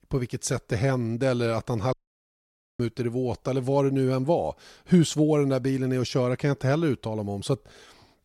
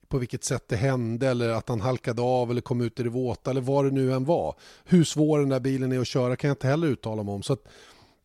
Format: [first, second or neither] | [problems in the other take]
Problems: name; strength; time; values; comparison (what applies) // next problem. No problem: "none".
second | audio cutting out; at 2 s for 1 s